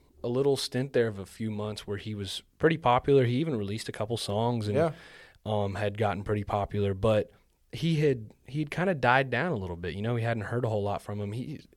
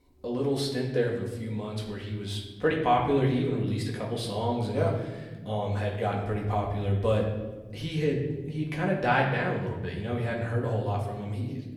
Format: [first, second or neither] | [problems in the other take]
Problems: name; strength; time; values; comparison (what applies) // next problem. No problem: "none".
first | room echo; noticeable; dies away in 1.2 s // off-mic speech; far